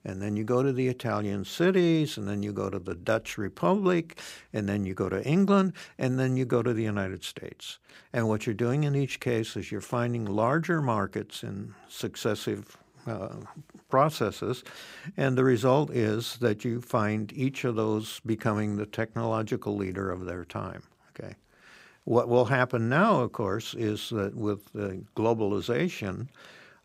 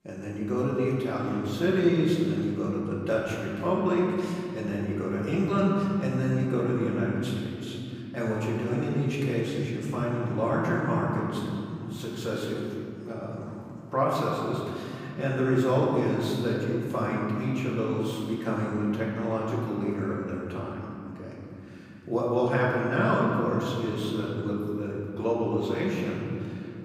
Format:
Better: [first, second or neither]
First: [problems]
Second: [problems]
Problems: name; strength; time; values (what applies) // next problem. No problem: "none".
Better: first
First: none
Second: off-mic speech; far // room echo; noticeable; dies away in 3 s